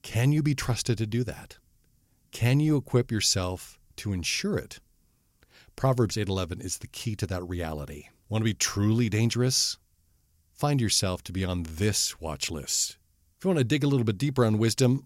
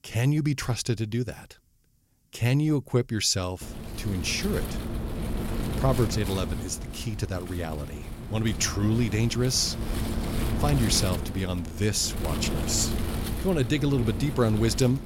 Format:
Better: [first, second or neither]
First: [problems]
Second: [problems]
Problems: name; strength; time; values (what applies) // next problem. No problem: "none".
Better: first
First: none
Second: wind noise on the microphone; heavy; from 3.5 s on; 8 dB below the speech